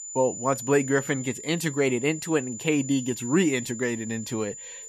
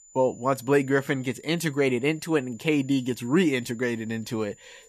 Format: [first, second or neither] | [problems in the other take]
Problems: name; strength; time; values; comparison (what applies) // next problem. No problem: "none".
second | high-pitched whine; loud; throughout; 7 kHz, 10 dB below the speech; faint in the second